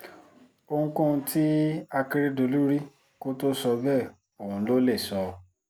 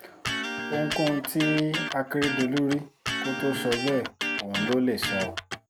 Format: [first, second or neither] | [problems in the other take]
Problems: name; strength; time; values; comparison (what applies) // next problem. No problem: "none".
first | background sound (Electric guitar); 4 dB below the speech